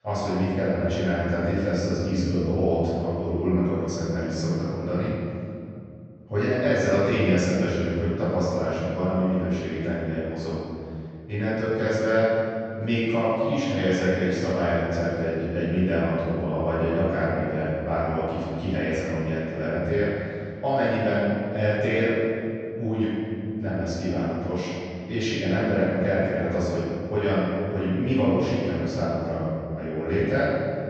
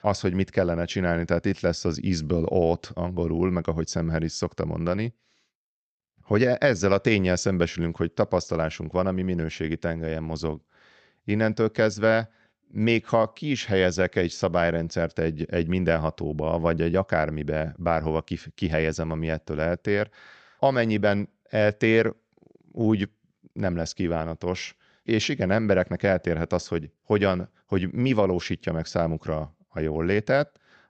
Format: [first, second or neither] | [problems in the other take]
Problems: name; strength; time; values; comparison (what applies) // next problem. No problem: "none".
second | off-mic speech; far // room echo; strong; dies away in 2.4 s